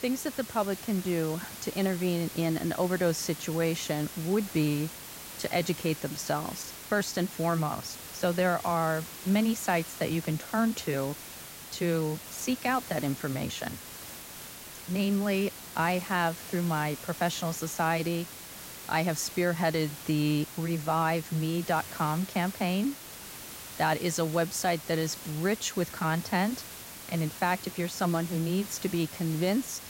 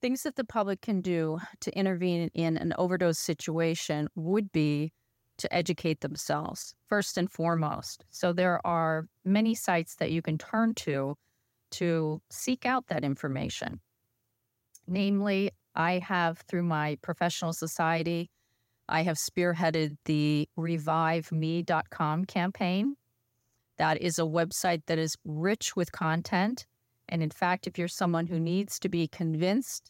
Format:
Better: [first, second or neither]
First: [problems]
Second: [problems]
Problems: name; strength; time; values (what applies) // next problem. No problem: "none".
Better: second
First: hiss; noticeable; throughout; 10 dB below the speech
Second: none